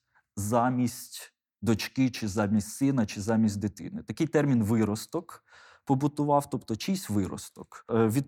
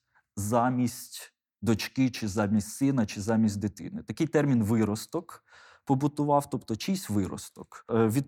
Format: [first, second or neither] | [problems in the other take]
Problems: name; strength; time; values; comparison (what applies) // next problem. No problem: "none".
neither | none